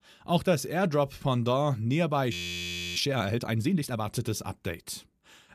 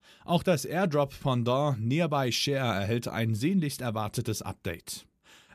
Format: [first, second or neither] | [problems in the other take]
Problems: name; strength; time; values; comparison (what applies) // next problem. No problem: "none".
second | audio freezing; at 2.5 s for 0.5 s